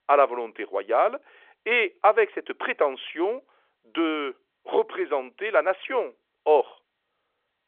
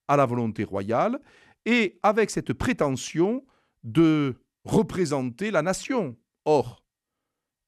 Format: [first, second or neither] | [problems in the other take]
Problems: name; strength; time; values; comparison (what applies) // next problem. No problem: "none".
second | phone-call audio; nothing above 3.5 kHz